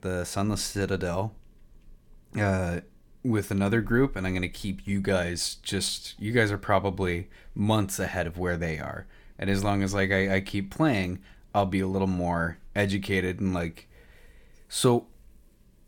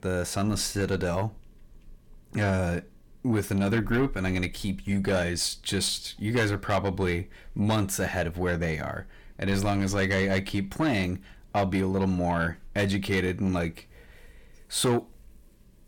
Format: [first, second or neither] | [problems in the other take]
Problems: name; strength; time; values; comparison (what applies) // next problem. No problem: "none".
first | distortion; slight; 10 dB below the speech